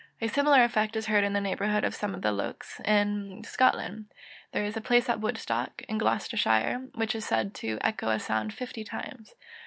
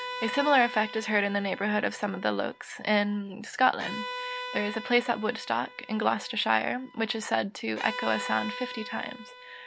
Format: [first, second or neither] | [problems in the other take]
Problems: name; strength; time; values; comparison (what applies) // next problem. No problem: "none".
first | background sound (Bowed string instrument); 12 dB below the speech